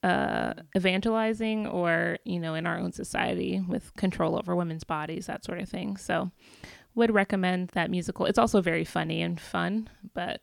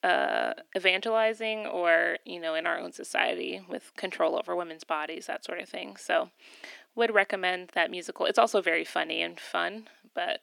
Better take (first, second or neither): first